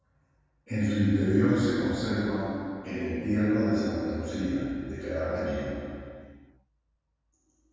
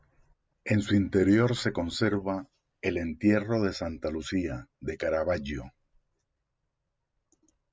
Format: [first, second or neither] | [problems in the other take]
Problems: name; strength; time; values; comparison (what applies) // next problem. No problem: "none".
second | room echo; dies away in 2.1 s